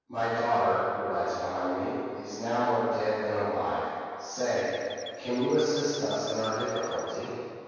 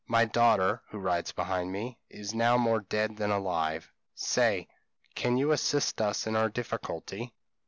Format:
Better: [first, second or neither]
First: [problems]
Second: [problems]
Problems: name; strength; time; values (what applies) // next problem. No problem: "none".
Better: second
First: background sound (Chirp, tweet); 16 dB below the speech // room echo; dies away in 2.2 s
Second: none